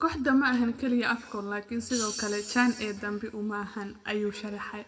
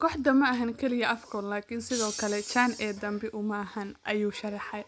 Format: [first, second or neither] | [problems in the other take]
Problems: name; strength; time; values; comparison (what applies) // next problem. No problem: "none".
second | room echo; dies away in 0.8 s